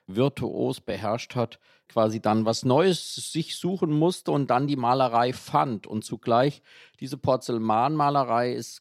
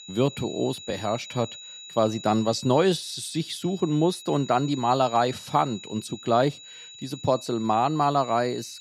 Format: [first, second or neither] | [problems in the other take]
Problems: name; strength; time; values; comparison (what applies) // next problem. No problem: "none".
first | high-pitched whine; noticeable; throughout; 4 kHz, 15 dB below the speech